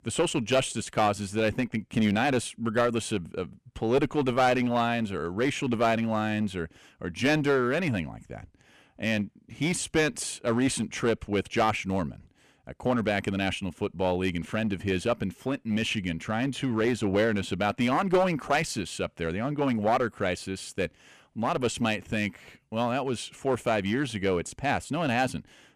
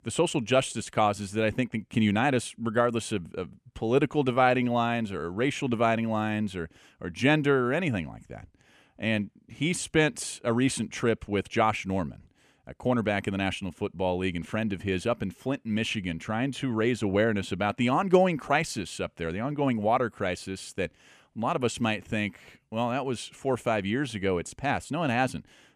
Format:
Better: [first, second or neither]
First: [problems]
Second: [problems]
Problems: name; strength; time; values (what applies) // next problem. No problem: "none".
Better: second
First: distortion; slight; 5% of the sound clipped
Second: none